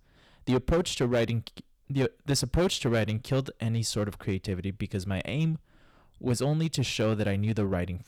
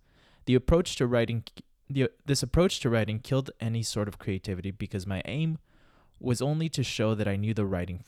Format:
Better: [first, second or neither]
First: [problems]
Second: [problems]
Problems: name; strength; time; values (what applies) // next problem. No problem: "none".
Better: second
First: distortion; slight; 5% of the sound clipped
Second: none